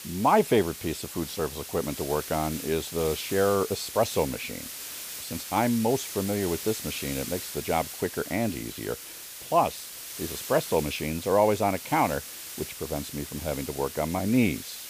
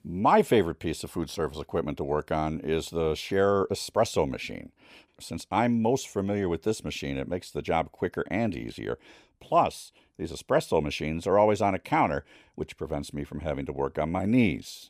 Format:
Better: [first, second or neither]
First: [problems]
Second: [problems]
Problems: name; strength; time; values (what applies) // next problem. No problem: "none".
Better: second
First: hiss; loud; throughout; 9 dB below the speech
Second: none